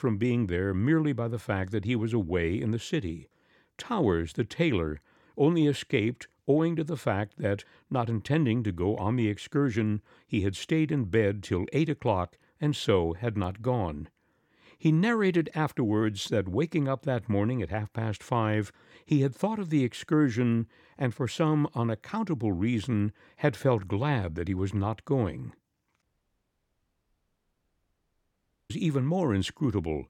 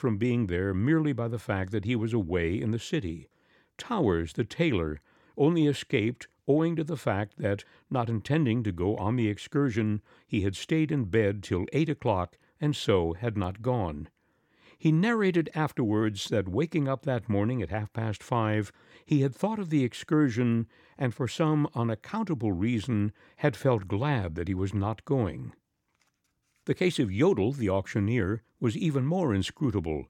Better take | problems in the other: second | audio cutting out; at 26 s for 2.5 s

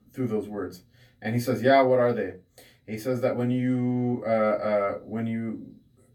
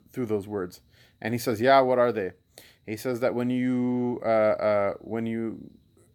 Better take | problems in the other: second | off-mic speech; far // room echo; very slight; dies away in 0.2 s

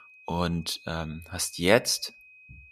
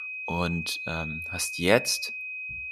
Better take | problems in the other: first | high-pitched whine; loud; throughout; 2.5 kHz, 5 dB below the speech; faint in the first

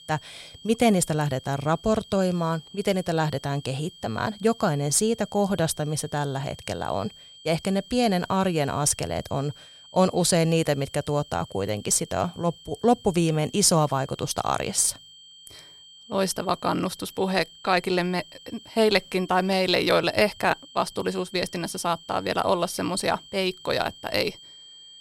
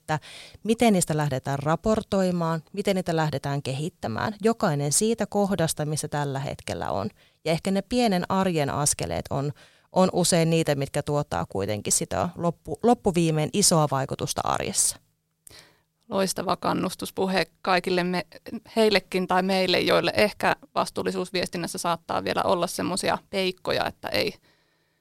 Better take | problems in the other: second | high-pitched whine; faint; throughout; 3 kHz, 20 dB below the speech

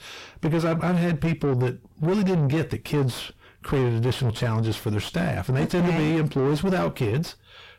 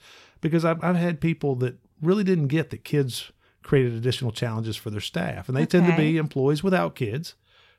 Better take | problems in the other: second | distortion; heavy; 5 dB below the speech

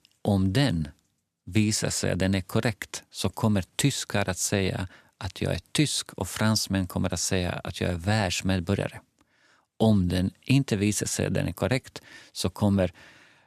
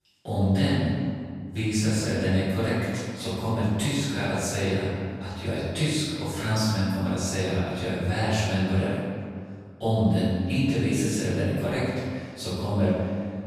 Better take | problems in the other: first | room echo; strong; dies away in 1.9 s // off-mic speech; far

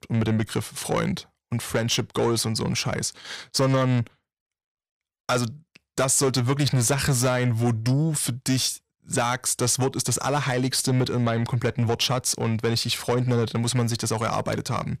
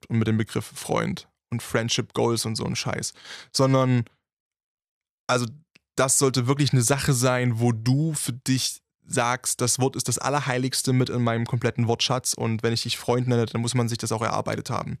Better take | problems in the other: second | distortion; slight; 10 dB below the speech

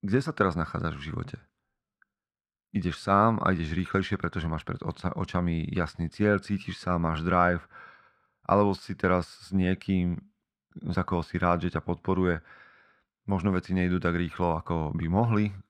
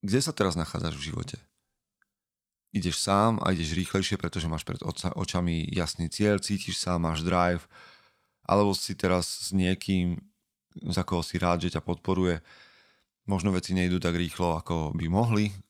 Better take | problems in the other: second | muffled; very; fading above 4 kHz

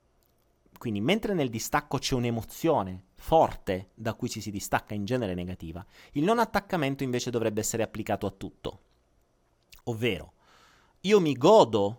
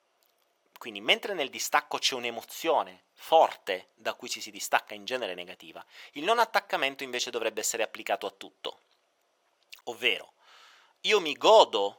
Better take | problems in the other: first | thin; very; fading below 600 Hz

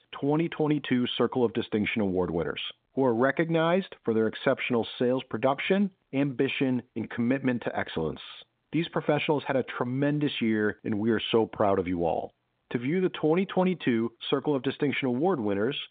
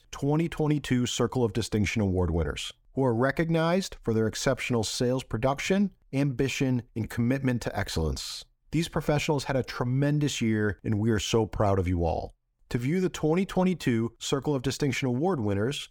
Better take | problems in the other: second | phone-call audio; nothing above 3.5 kHz

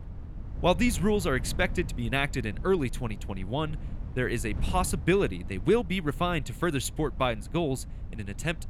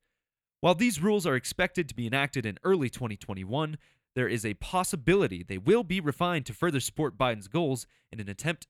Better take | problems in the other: second | wind noise on the microphone; occasional gusts; 20 dB below the speech

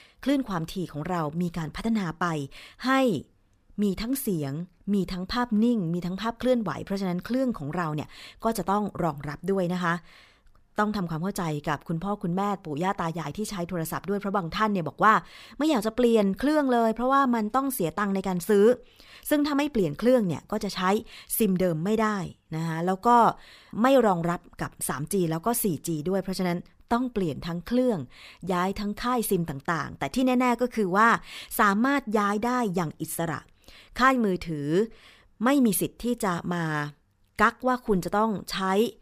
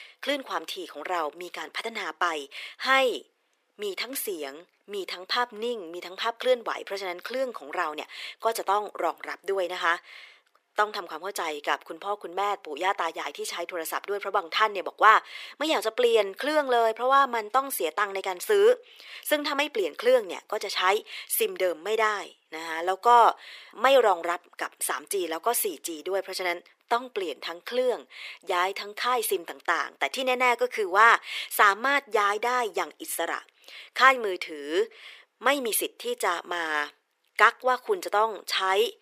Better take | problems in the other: first | thin; very; fading below 400 Hz

